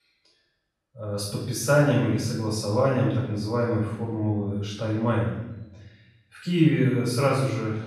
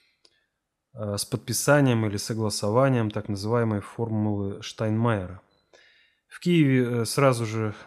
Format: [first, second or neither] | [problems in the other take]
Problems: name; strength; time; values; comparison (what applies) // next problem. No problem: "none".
second | off-mic speech; far // room echo; noticeable; dies away in 0.9 s